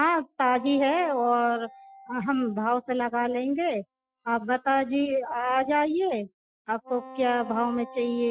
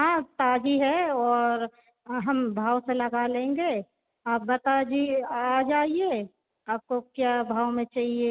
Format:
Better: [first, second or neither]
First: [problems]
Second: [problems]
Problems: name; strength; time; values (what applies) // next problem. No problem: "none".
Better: second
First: noise reduction (classical method Wiener filter)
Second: none